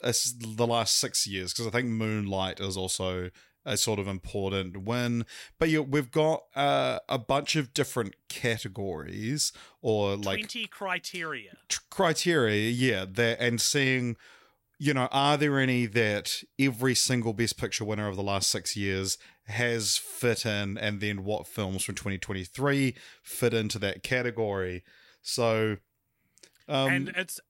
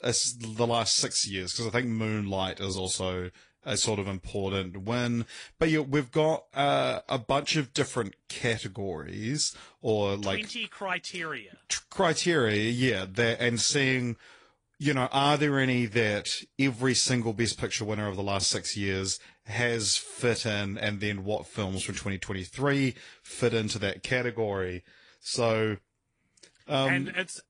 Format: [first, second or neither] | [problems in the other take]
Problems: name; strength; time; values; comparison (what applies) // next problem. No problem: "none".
first | garbled, watery; slightly; nothing above 10 kHz